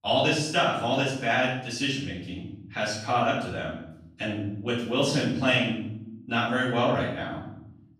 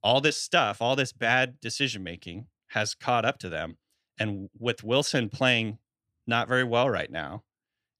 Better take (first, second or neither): second